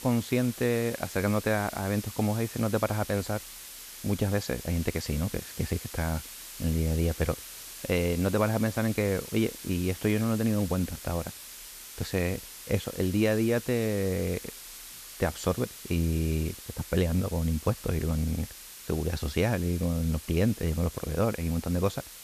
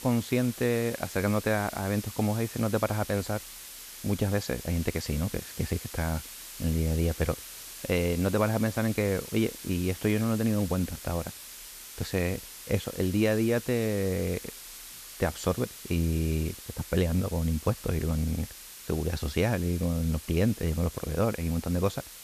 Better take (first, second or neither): neither